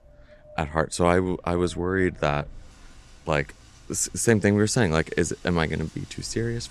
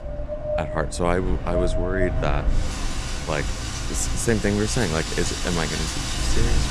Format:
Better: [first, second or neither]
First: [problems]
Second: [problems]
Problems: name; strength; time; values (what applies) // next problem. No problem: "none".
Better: first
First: wind in the background; faint; throughout; 25 dB below the speech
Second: wind in the background; loud; throughout; 1 dB below the speech